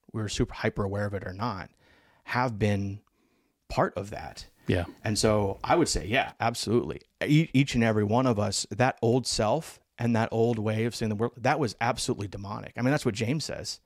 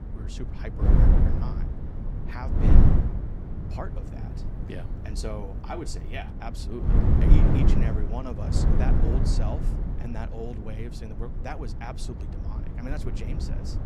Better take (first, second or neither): first